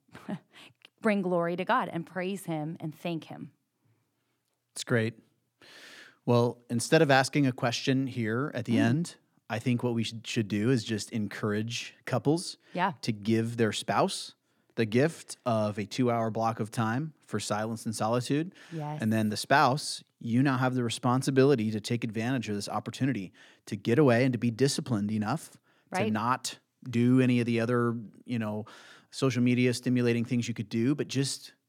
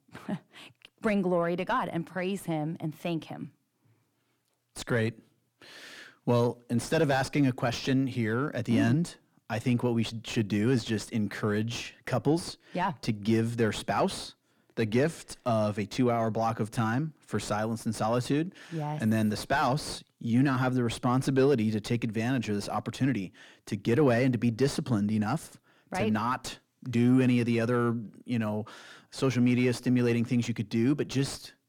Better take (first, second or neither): first